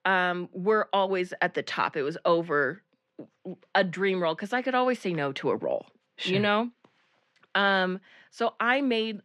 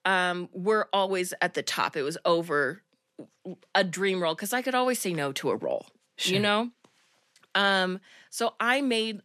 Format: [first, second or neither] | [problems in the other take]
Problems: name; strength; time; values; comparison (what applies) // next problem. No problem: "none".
second | muffled; slightly; fading above 3 kHz